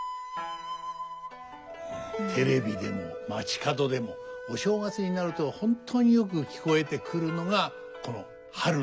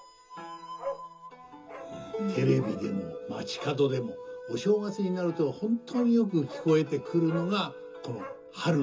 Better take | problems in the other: first | background sound (Bark); 17 dB below the speech // room echo; dies away in 0.2 s

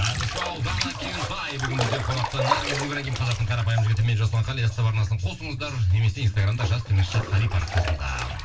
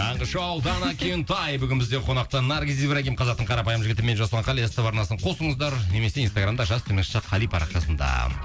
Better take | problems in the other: second | background sound (Bathtub (filling or washing)); 9 dB below the speech // room echo; dies away in 0.2 s

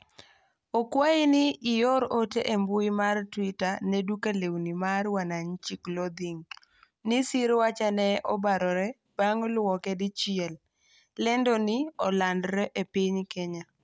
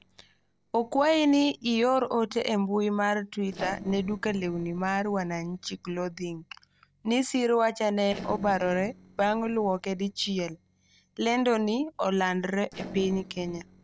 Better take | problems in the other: first | noise reduction (neural separator model SepFormer DNS4)

